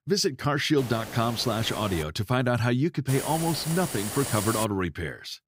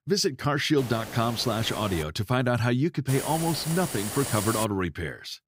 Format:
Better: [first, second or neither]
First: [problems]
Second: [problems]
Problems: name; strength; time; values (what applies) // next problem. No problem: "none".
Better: neither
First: hiss; loud; from 1 to 2 s and from 3 to 4.5 s; 8 dB below the speech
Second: hiss; loud; from 1 to 2 s and from 3 to 4.5 s; 8 dB below the speech